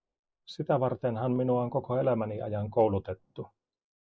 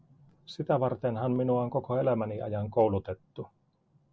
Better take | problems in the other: second | noise reduction (neural mask model Resemble Enhance denoiser)

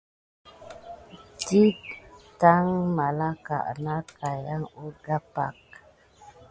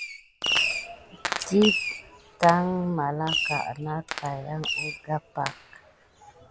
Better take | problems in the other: first | background sound (Fireworks); 4 dB below the speech

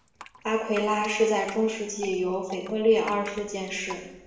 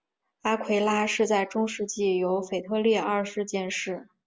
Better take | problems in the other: second | background sound (Drip); 18 dB below the speech // room echo; dies away in 0.9 s

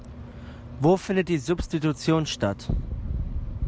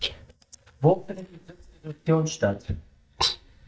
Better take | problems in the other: first | noise reduction (neural mask model DeepFilterNet 3)

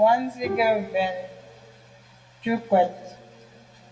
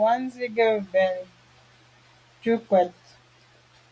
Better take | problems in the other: second | background sound (Bowed string instrument); 14 dB below the speech // room echo; dies away in 1.2 s

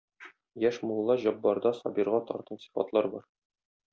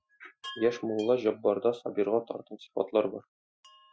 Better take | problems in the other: first | noise reduction (classical method Wiener filter)

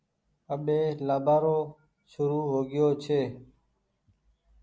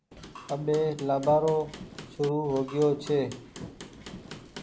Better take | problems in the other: first | background sound (Hammer / Wood); 15 dB below the speech

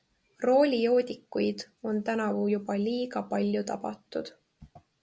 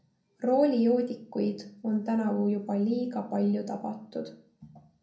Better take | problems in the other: first | room echo; dies away in 0.6 s

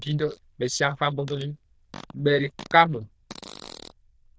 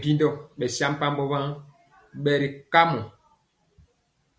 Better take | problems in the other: second | noise reduction (neural diffusion model UNIVERSE++)

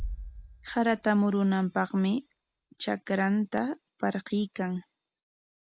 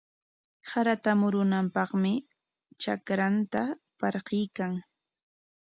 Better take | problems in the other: second | background sound (Bass drum); 16 dB below the speech

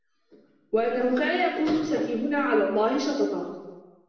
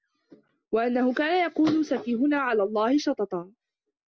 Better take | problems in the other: second | room echo; dies away in 1 s

